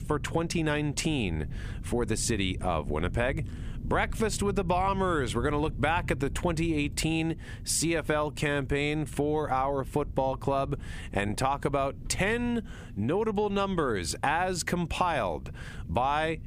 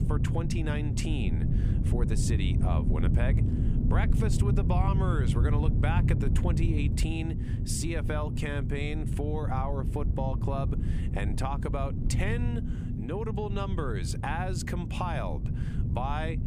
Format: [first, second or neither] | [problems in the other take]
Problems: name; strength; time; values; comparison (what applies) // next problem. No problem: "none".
first | low rumble; loud; throughout; 5 dB below the speech; faint in the first